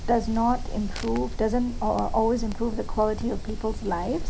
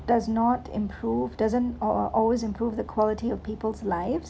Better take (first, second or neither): second